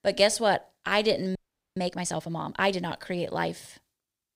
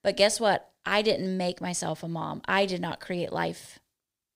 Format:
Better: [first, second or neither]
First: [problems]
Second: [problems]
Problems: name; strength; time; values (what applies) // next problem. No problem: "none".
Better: second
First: audio freezing; at 1.5 s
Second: none